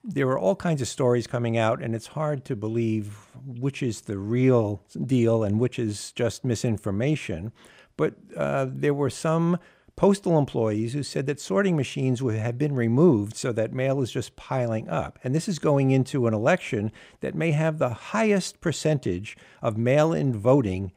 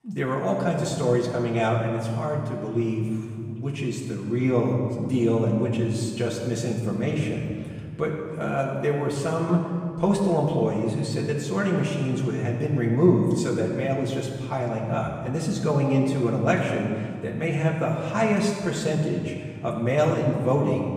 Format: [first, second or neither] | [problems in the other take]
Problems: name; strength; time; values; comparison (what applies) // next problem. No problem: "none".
first | room echo; noticeable; dies away in 1.7 s // off-mic speech; far